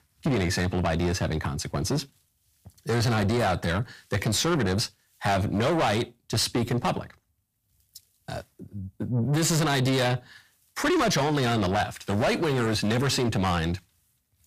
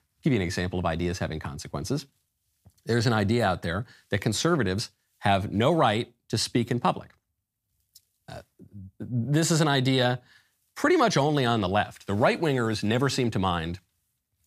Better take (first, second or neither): second